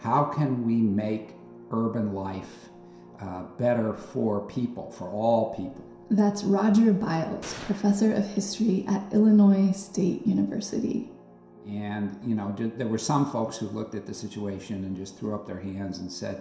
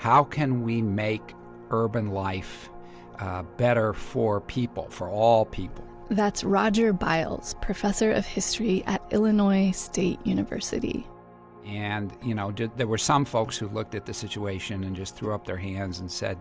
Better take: second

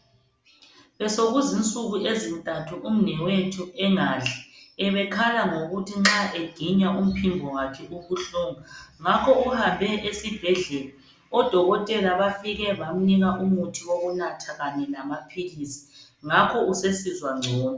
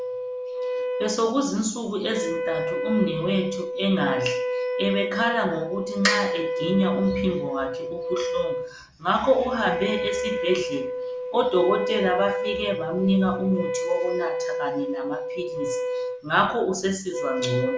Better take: first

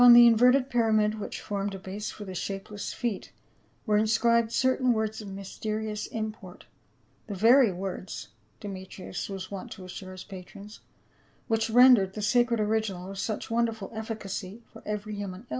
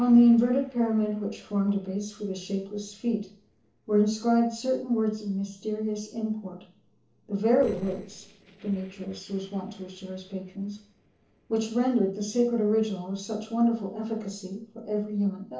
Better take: first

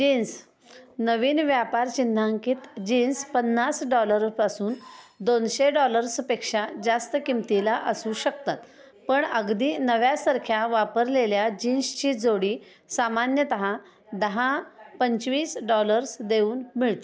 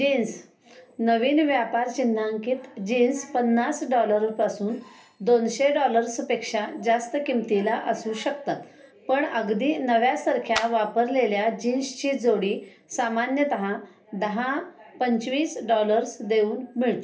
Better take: first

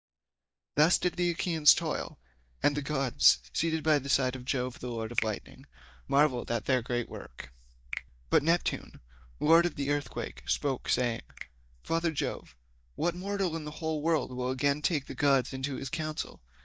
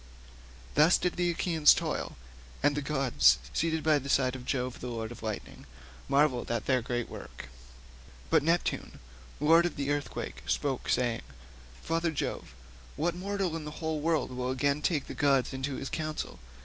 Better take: second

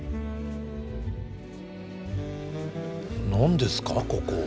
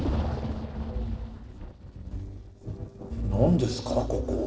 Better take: first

